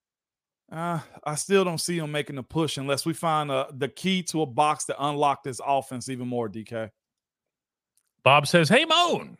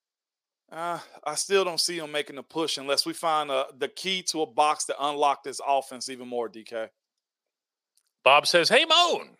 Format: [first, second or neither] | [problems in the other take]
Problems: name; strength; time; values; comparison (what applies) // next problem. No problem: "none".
first | thin; somewhat; fading below 450 Hz